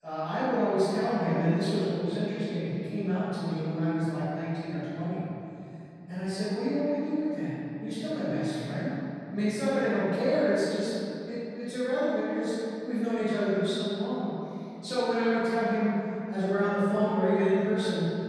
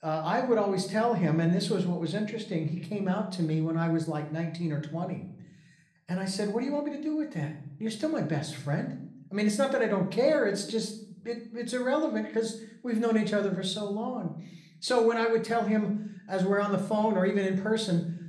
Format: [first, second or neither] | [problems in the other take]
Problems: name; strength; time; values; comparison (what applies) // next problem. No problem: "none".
second | room echo; strong; dies away in 2.9 s; slight in the second // off-mic speech; far